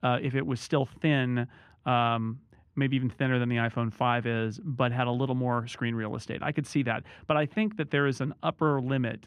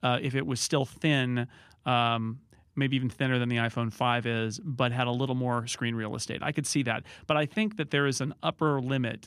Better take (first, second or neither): second